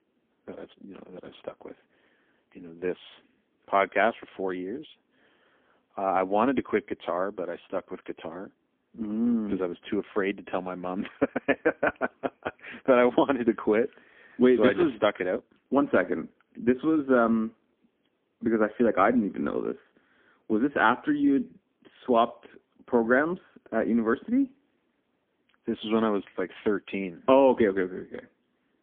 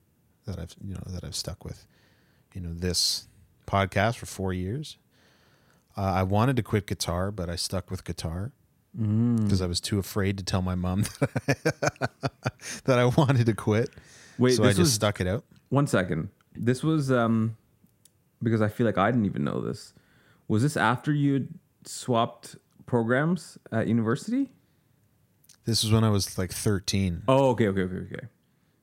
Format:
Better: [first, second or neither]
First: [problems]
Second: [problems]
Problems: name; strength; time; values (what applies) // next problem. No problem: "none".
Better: second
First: phone-call audio; poor line; nothing above 3.5 kHz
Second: none